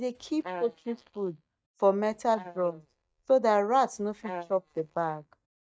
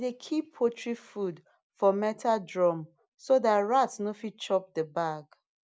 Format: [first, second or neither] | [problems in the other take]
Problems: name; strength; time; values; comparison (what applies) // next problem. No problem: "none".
second | noise reduction (neural mask model DeepFilterNet 3)